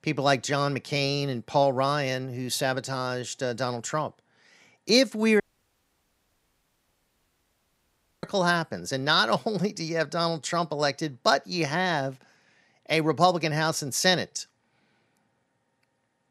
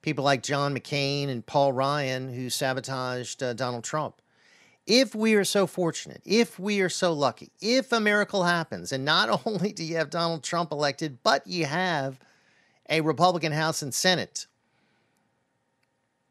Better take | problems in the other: second | audio cutting out; at 5.5 s for 3 s

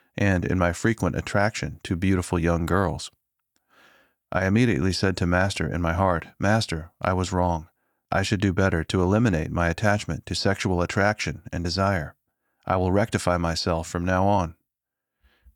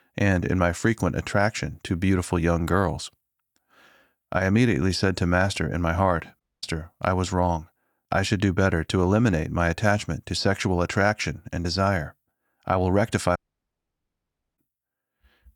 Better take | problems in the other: first | audio cutting out; at 6.5 s and at 13 s for 1 s

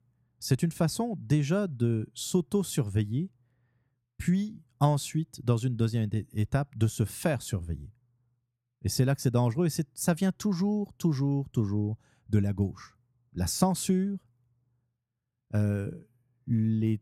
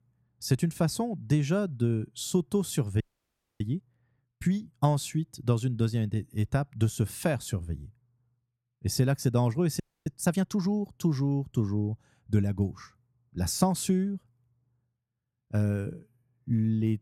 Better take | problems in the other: first | audio freezing; at 3 s for 0.5 s and at 10 s

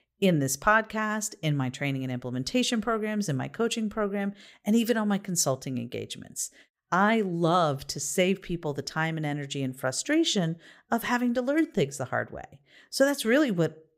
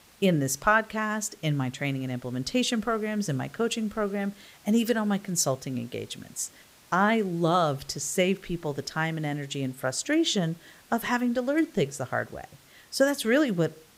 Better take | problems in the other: first | hiss; faint; throughout; 25 dB below the speech

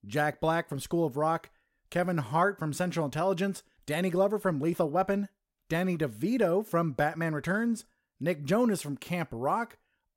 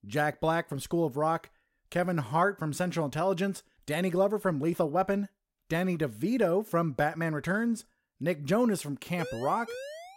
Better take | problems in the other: first | siren; faint; at 9 s; peak 10 dB below the speech

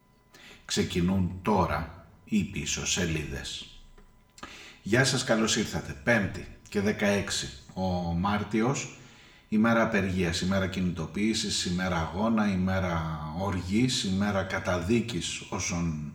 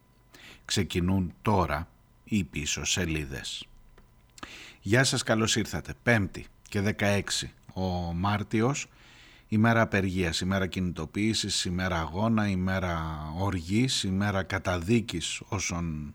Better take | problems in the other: second | room echo; very slight; dies away in 0.6 s

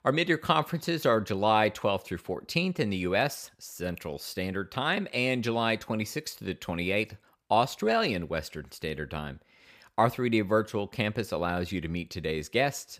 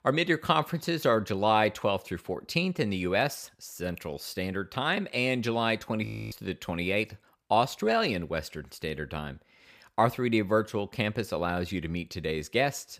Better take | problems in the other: first | audio freezing; at 6 s

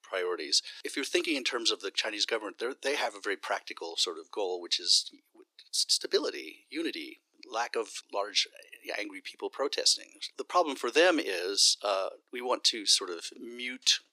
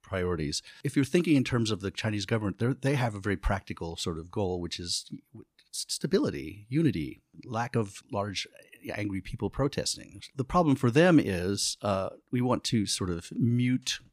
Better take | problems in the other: second | thin; very; fading below 350 Hz

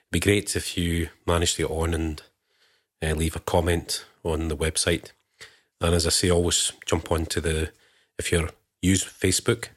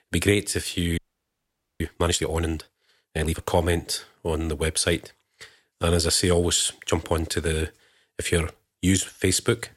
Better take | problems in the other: first | audio freezing; at 1 s for 1 s

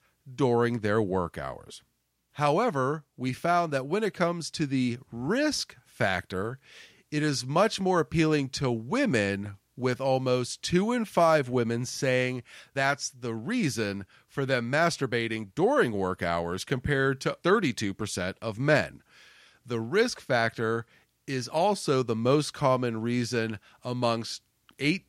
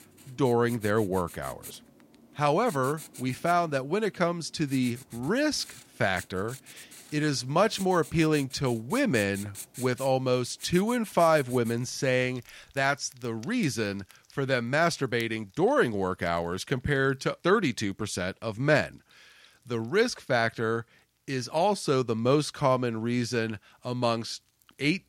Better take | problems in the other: first | household noises; noticeable; throughout; 20 dB below the speech

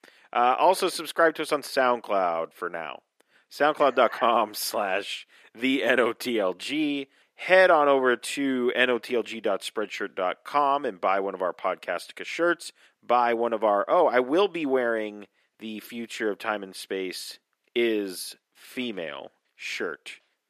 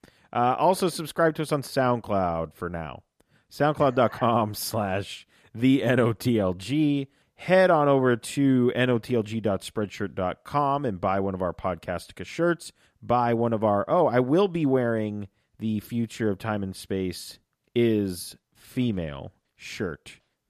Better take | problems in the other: second | thin; somewhat; fading below 300 Hz

